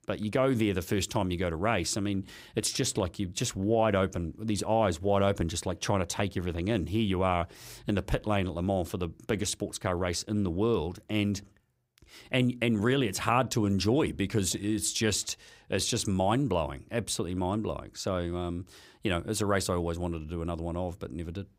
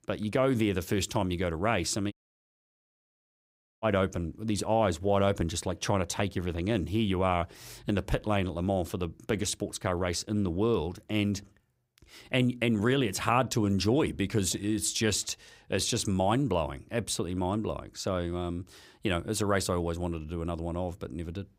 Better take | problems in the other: first | audio cutting out; at 2 s for 1.5 s

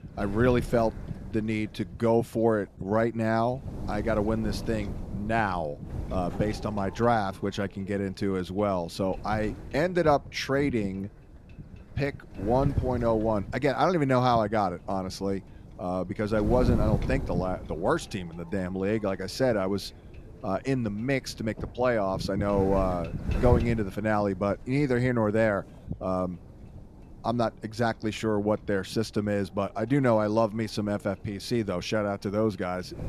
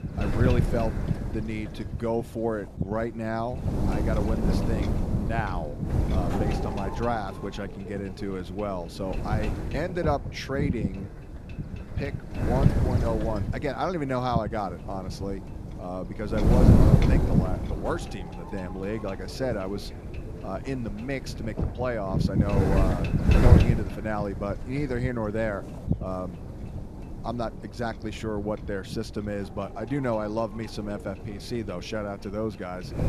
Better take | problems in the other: first | wind noise on the microphone; heavy; 4 dB below the speech; occasional gusts in the first

